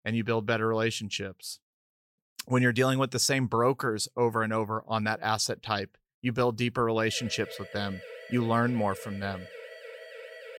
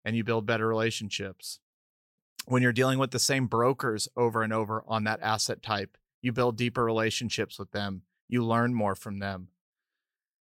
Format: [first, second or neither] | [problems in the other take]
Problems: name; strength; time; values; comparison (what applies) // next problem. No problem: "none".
second | siren; faint; from 7 s on; peak 15 dB below the speech